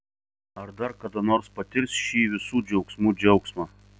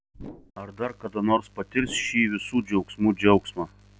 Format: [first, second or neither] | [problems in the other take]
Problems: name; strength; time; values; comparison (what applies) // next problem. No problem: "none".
first | background sound (Whoosh, swoosh, swish); 15 dB below the speech